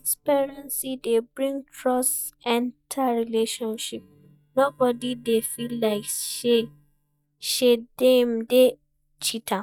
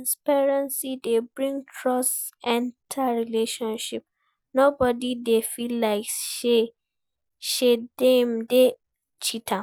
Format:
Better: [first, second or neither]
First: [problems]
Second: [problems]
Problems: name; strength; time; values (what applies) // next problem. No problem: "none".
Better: second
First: noise reduction (neural mask model DeepFilterNet 3)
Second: none